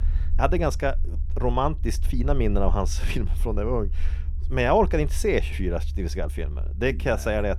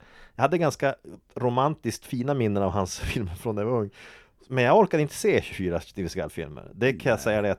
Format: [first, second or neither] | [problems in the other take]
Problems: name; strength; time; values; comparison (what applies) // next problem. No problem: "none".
second | low rumble; faint; throughout; 25 dB below the speech